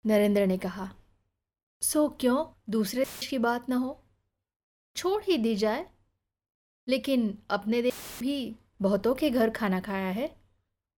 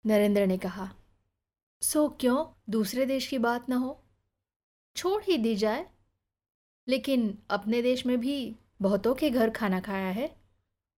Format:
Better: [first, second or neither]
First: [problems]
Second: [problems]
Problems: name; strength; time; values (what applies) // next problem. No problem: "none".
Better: second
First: audio cutting out; filled with static; at 3 s and at 8 s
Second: none